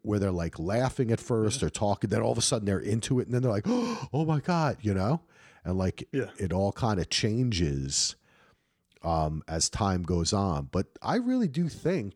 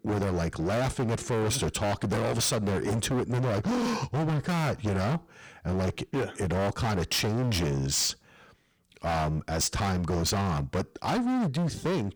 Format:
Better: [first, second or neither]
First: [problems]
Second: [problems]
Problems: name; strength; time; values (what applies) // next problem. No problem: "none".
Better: first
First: none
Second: distortion; heavy; 32% of the sound clipped